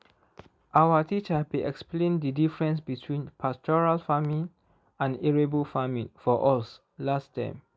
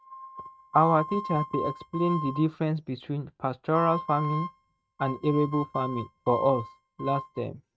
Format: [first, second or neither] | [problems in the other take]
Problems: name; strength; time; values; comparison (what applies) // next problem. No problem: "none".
first | noise reduction (neural mask model RNNoise)